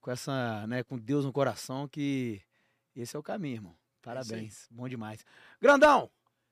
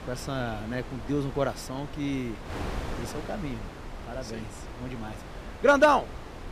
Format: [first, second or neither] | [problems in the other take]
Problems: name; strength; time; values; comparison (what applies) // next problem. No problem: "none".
first | wind noise on the microphone; occasional gusts; 15 dB below the speech